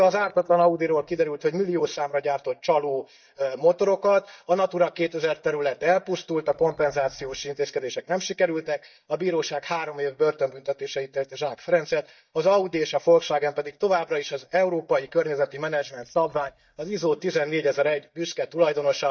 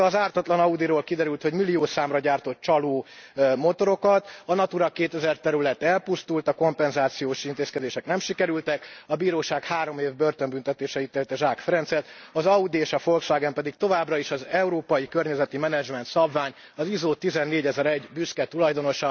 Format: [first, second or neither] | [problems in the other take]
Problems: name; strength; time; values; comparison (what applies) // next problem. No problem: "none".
second | noise reduction (neural mask model DeepFilterNet 3)